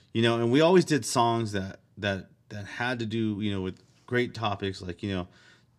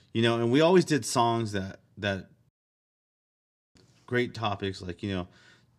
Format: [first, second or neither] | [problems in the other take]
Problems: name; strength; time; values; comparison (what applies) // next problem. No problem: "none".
first | audio cutting out; at 2.5 s for 1.5 s